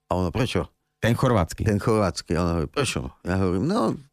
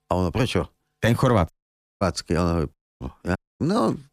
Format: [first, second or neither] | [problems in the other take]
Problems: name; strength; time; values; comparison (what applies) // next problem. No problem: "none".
first | audio cutting out; at 1.5 s for 0.5 s, at 2.5 s and at 3.5 s